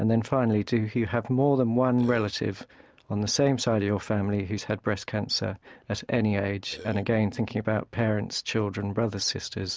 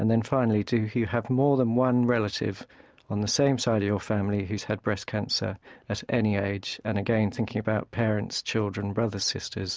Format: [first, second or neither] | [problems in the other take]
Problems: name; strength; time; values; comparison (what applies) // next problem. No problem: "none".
second | background sound (Burping, eructation); 17 dB below the speech